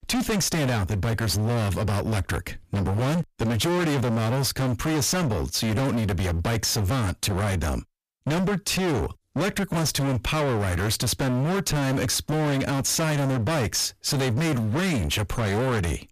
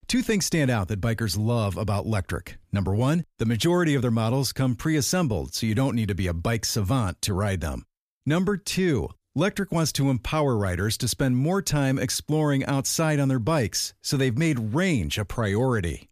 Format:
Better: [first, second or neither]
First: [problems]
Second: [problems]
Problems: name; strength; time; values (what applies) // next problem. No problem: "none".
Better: second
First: distortion; heavy; 42% of the sound clipped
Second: none